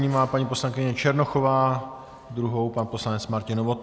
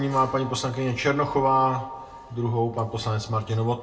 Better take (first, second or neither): first